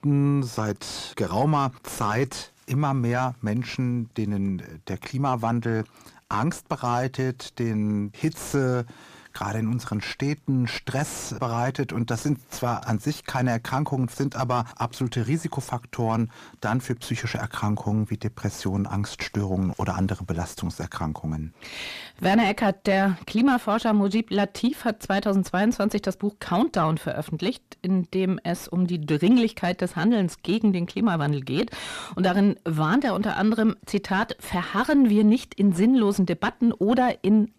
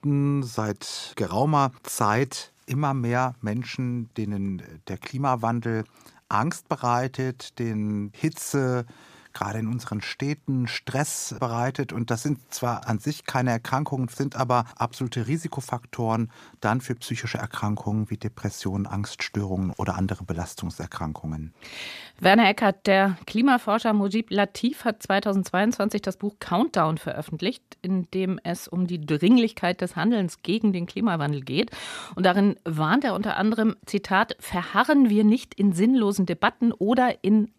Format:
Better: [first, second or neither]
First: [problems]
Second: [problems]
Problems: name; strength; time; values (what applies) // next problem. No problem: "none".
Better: second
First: distortion; slight; 10 dB below the speech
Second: none